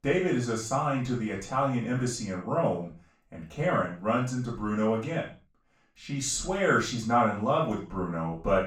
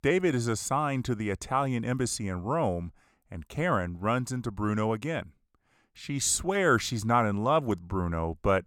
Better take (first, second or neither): second